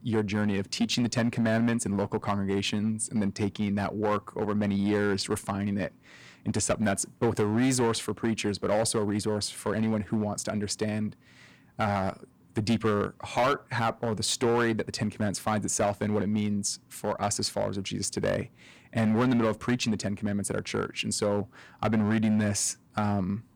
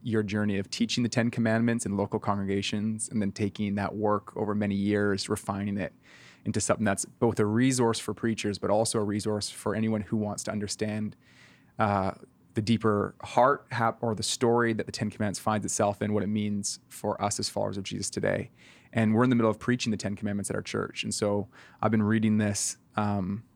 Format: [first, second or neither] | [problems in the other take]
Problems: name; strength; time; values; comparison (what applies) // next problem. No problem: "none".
second | distortion; slight; 6% of the sound clipped